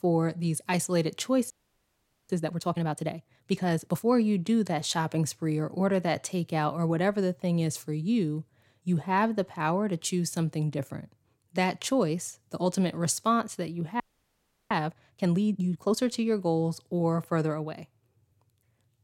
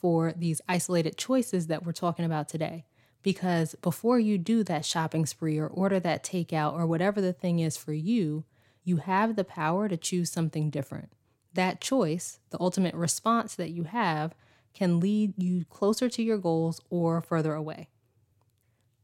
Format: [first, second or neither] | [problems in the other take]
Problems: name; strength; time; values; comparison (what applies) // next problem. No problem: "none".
second | audio freezing; at 1.5 s for 1 s and at 14 s for 0.5 s